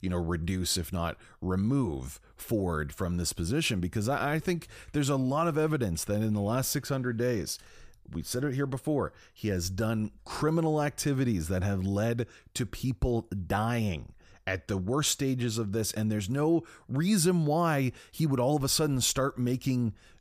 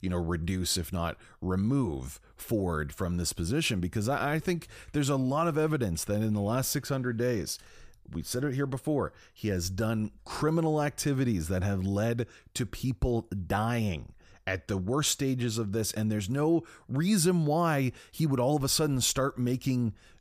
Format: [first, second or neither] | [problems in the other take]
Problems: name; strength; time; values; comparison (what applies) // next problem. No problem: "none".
neither | none